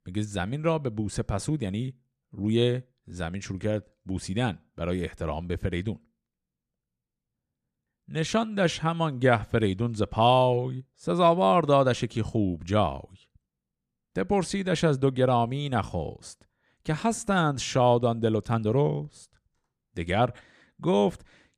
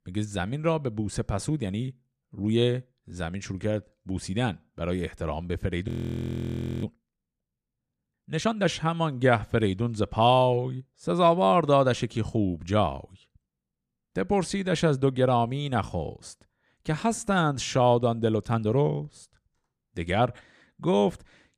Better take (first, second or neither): first